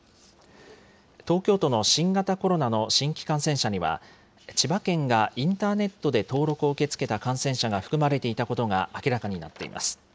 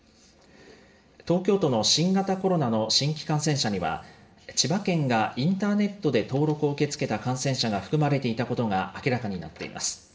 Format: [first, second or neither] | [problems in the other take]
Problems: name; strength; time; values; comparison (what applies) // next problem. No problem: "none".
first | room echo; dies away in 1.1 s